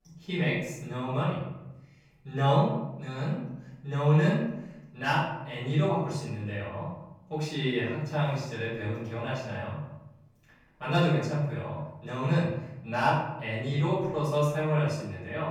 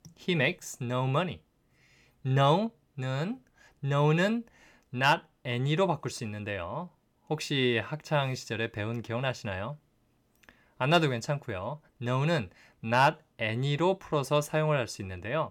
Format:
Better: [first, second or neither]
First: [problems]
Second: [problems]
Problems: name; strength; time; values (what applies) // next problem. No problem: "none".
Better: second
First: off-mic speech; far // room echo; noticeable; dies away in 0.9 s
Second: none